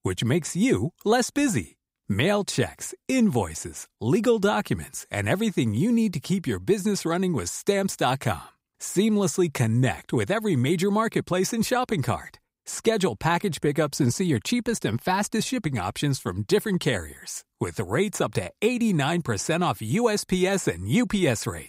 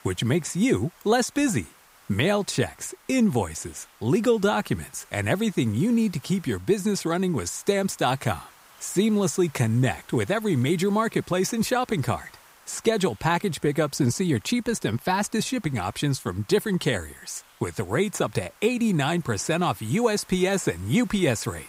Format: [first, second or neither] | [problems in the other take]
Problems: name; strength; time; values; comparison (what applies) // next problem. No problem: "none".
first | hiss; faint; throughout; 25 dB below the speech